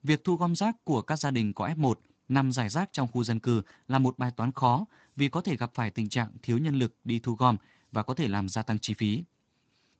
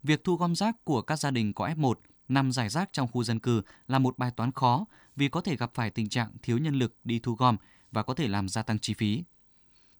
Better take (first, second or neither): second